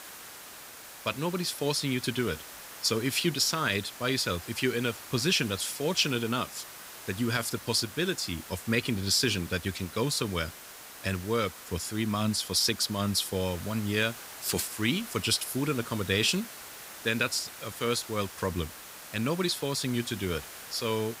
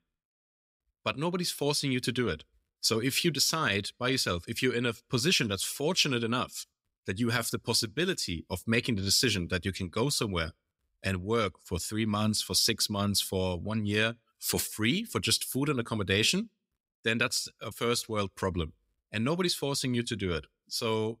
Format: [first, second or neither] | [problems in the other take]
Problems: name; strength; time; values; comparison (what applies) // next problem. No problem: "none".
second | hiss; noticeable; throughout; 15 dB below the speech